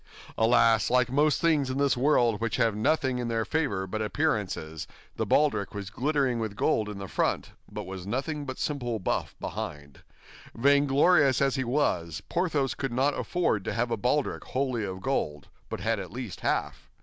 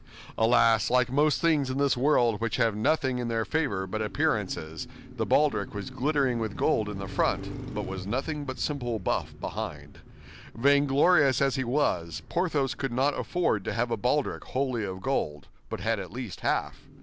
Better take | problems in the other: first | background sound (Car passing by); 17 dB below the speech

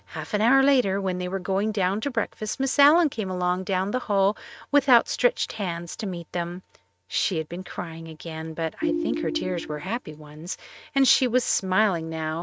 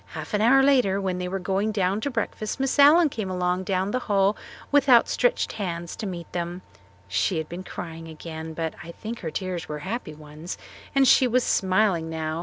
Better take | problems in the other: second | noise reduction (neural mask model RNNoise)

